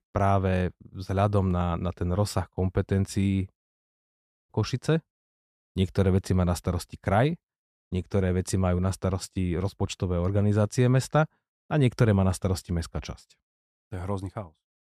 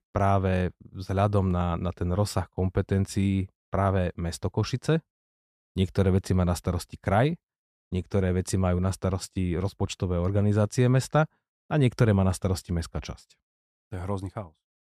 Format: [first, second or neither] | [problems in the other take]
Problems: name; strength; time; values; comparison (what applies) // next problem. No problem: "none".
second | audio cutting out; at 3.5 s for 1 s